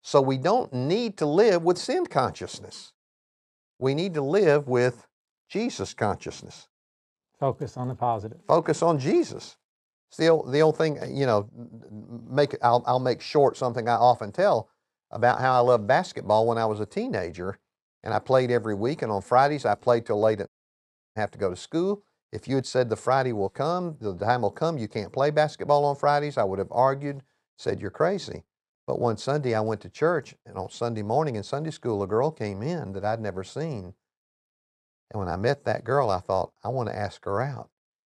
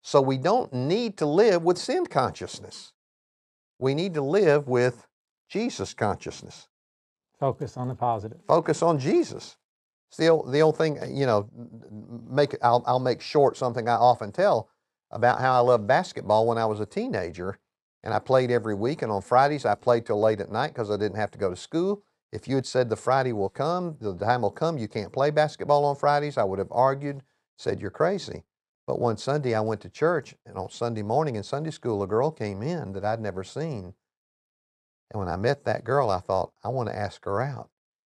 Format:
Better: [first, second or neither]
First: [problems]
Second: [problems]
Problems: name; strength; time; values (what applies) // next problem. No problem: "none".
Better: second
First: audio cutting out; at 20 s for 0.5 s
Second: none